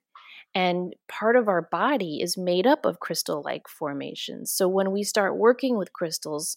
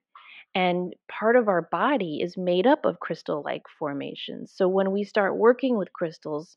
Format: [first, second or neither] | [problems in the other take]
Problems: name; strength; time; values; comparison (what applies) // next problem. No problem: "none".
first | muffled; very; fading above 3 kHz